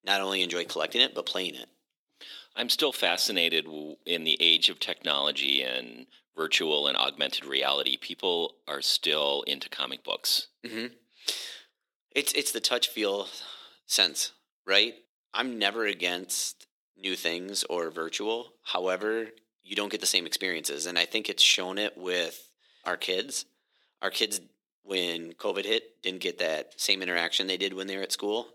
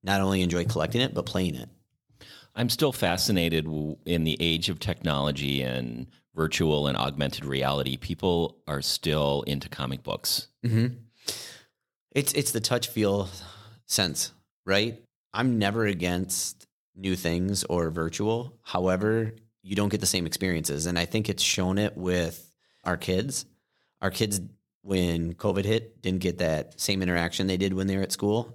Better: second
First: thin; somewhat; fading below 300 Hz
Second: none

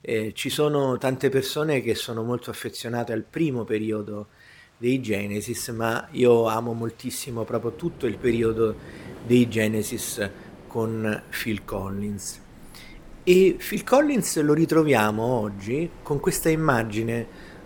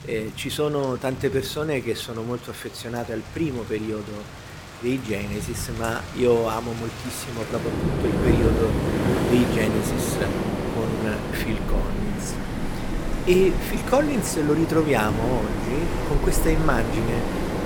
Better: first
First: rain or running water; faint; throughout; 20 dB below the speech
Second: rain or running water; loud; throughout; 2 dB below the speech

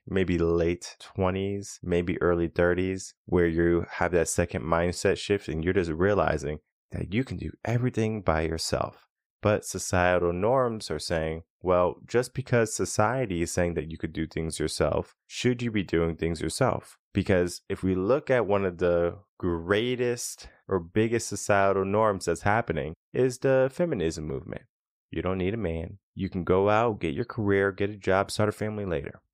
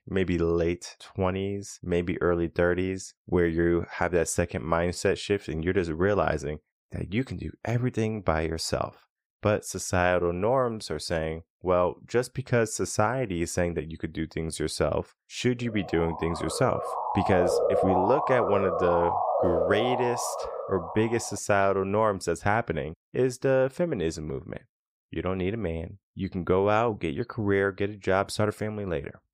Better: first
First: none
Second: siren; loud; from 16 to 21 s; peak 3 dB above the speech

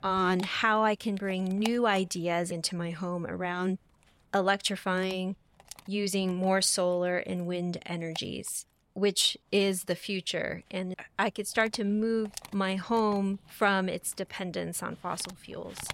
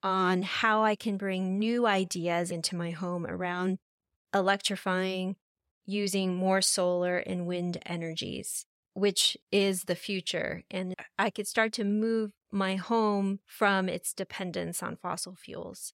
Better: second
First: animal sounds; noticeable; throughout; 20 dB below the speech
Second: none

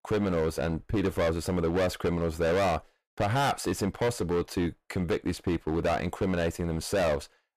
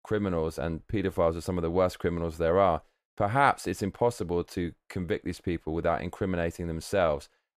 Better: second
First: distortion; heavy; 16% of the sound clipped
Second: none

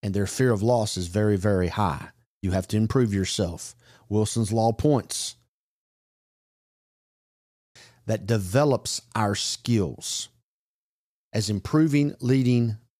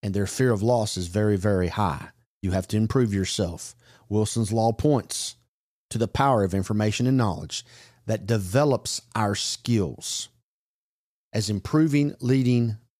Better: second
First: audio freezing; at 6 s for 2 s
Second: none

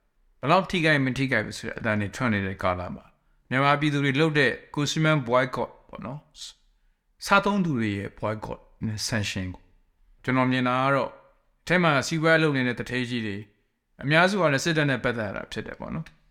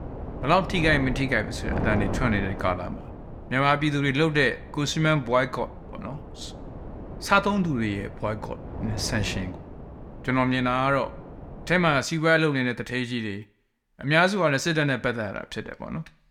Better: first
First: none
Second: wind noise on the microphone; occasional gusts; until 12 s; 15 dB below the speech

